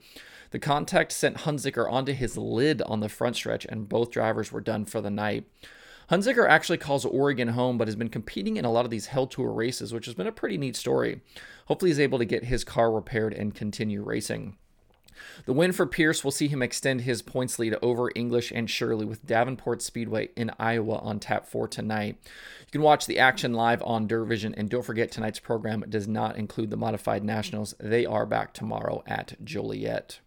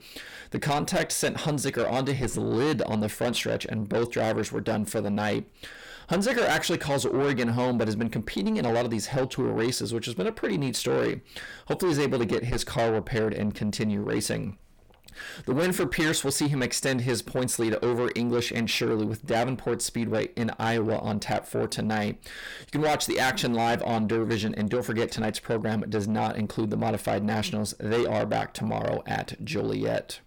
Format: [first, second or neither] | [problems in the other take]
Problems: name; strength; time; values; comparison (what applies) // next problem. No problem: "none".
first | distortion; heavy; 6 dB below the speech